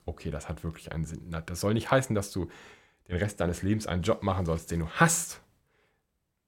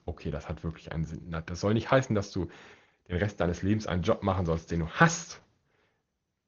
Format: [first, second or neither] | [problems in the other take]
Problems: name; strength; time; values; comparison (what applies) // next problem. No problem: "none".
first | garbled, watery; slightly; nothing above 6.5 kHz